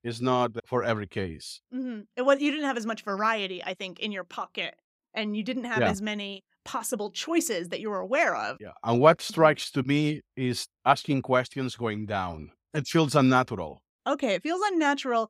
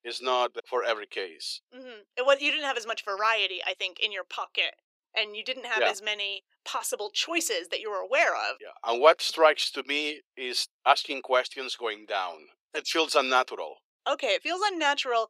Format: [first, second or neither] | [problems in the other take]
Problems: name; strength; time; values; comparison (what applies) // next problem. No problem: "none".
first | thin; very; fading below 400 Hz